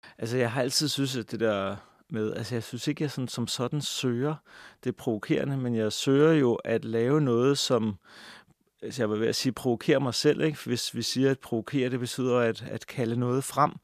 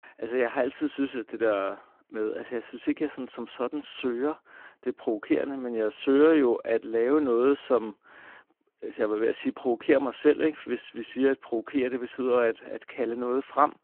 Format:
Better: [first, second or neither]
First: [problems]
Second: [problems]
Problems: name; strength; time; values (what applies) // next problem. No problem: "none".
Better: first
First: none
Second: phone-call audio